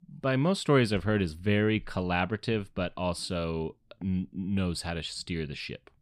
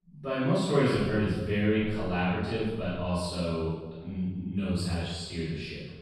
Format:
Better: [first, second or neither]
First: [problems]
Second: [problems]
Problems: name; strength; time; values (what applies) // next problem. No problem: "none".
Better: first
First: none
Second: off-mic speech; far // room echo; strong; dies away in 1.1 s